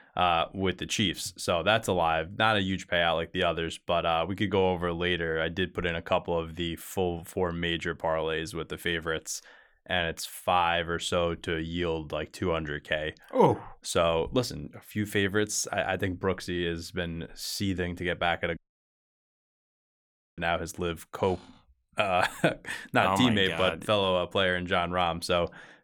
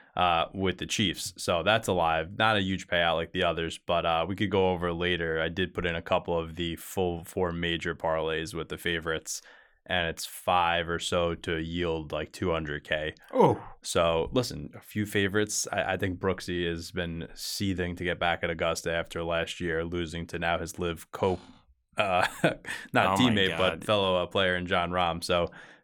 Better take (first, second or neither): second